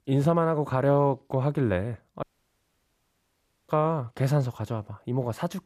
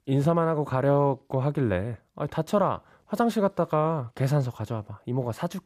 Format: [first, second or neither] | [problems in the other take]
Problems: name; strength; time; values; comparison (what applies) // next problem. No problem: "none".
second | audio cutting out; at 2 s for 1.5 s